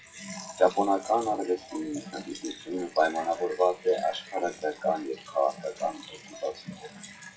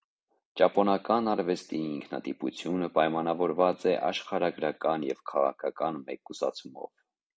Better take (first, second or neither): second